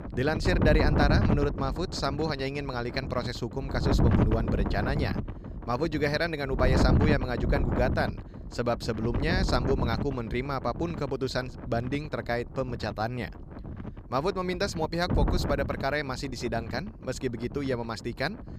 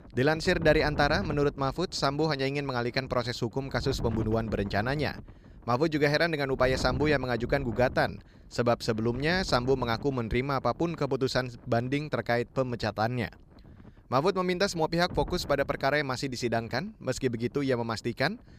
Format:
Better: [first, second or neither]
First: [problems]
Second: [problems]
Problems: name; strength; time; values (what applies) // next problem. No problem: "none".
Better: second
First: wind noise on the microphone; heavy; 6 dB below the speech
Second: wind noise on the microphone; occasional gusts; 20 dB below the speech